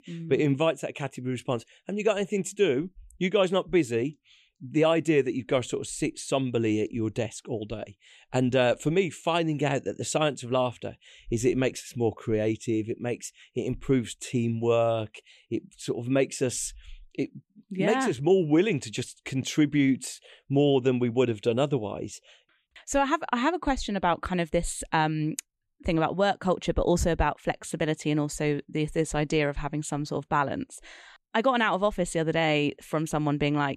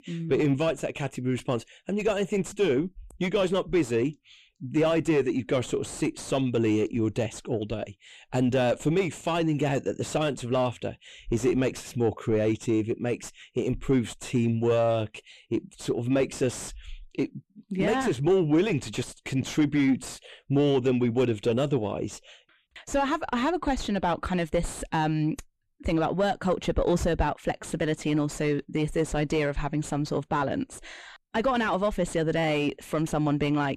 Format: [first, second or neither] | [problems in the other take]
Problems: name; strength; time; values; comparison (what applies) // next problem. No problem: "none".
first | distortion; slight; 9 dB below the speech